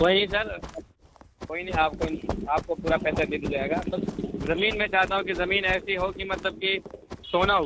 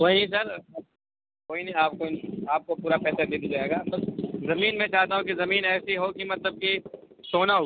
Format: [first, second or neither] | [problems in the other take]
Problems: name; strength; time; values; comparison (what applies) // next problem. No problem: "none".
second | background sound (Run); 11 dB below the speech